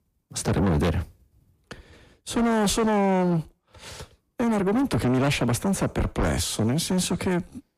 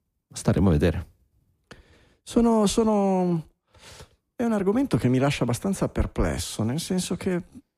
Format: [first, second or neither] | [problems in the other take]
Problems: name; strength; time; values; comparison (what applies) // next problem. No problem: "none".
second | distortion; heavy; 7 dB below the speech